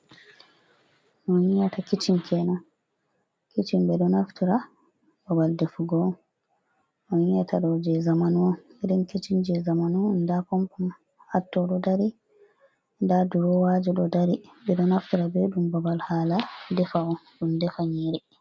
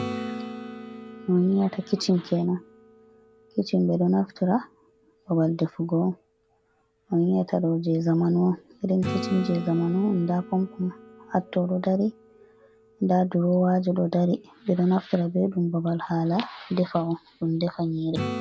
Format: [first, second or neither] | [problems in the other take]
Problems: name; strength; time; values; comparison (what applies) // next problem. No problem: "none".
first | background sound (Acoustic guitar / Strum); 15 dB below the speech